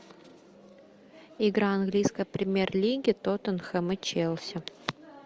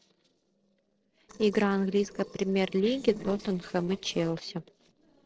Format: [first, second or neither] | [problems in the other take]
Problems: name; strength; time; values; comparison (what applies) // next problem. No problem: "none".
first | noise reduction (neural separator model SepFormer DNS4)